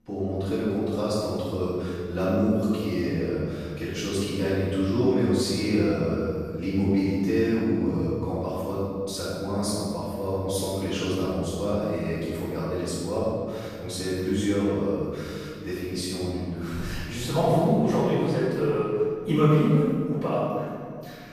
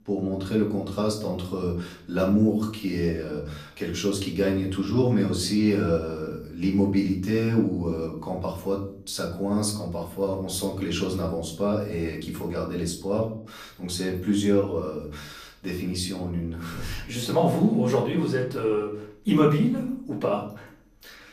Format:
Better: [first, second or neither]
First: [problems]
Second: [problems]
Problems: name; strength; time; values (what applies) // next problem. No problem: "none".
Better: second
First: room echo; strong; dies away in 2.1 s // off-mic speech; far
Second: room echo; slight; dies away in 0.5 s // off-mic speech; far